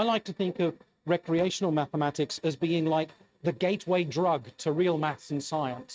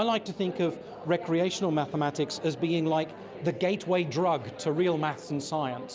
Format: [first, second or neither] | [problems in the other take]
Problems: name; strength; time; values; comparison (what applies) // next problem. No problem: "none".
second | noise reduction (neural mask model RNNoise)